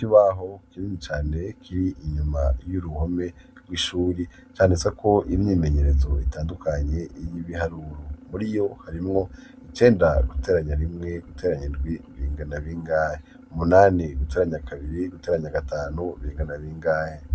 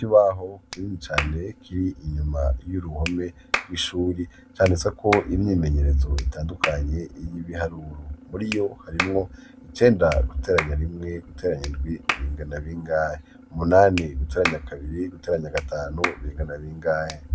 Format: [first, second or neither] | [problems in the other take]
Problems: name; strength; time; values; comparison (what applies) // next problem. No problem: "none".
first | background sound (Clapping); 11 dB below the speech